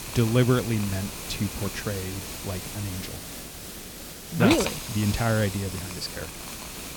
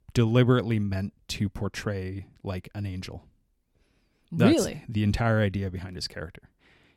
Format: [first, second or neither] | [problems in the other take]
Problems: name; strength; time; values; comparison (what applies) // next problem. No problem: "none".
second | hiss; loud; throughout; 7 dB below the speech